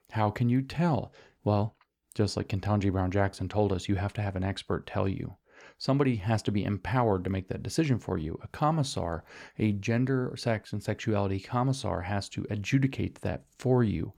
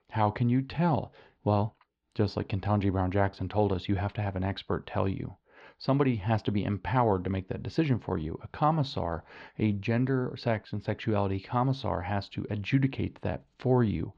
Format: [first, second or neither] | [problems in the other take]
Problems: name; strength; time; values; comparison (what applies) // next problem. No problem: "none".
first | muffled; very slightly; fading above 4 kHz